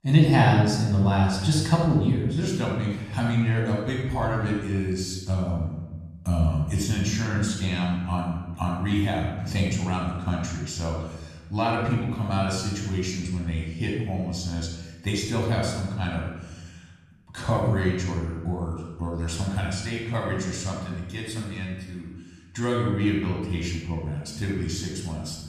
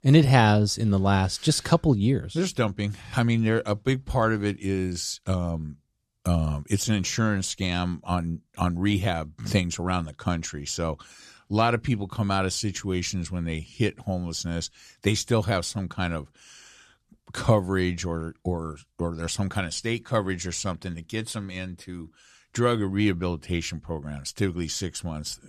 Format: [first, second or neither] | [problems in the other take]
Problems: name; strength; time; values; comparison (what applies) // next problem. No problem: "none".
second | room echo; noticeable; dies away in 1 s // off-mic speech; far